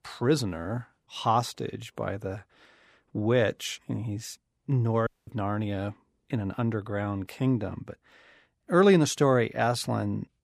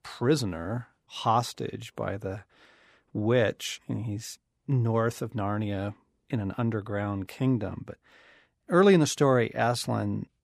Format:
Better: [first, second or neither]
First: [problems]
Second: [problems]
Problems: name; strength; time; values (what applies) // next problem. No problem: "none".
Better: second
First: audio cutting out; at 5 s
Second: none